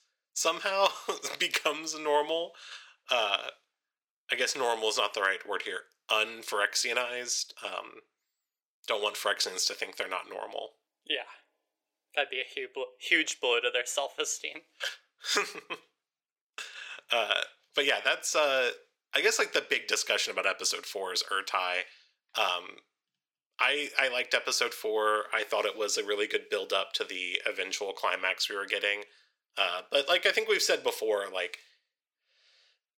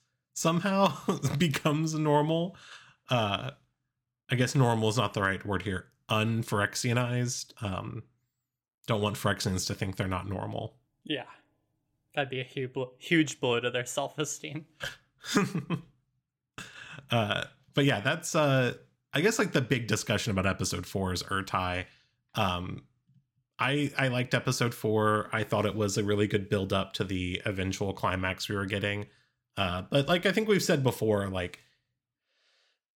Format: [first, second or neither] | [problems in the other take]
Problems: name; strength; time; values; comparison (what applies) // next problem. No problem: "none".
second | thin; very; fading below 450 Hz